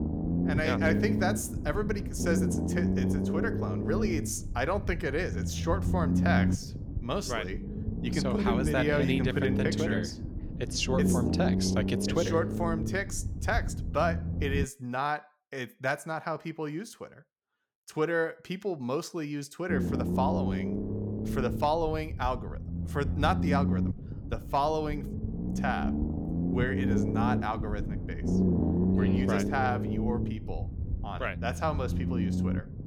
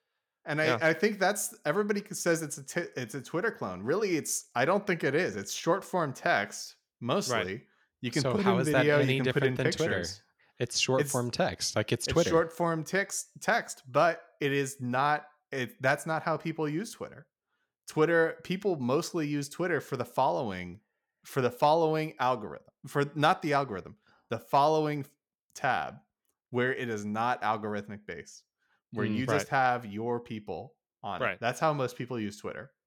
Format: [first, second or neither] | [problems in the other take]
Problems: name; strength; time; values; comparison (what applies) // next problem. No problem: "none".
second | low rumble; loud; until 15 s and from 20 s on; 6 dB below the speech